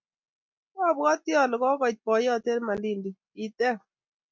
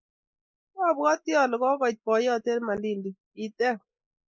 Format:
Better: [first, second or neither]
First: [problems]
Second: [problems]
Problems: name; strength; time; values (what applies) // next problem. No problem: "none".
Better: first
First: none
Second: noise reduction (neural mask model Resemble Enhance denoiser)